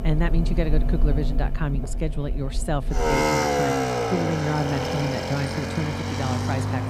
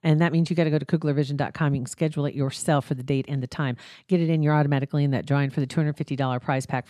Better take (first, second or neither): second